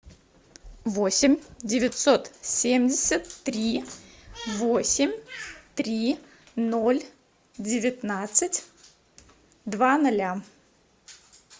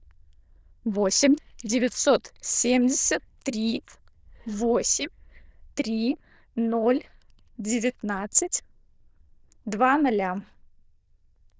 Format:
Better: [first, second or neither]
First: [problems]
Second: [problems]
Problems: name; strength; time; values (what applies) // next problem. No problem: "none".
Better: first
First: none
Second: noise reduction (neural diffusion model UNIVERSE++)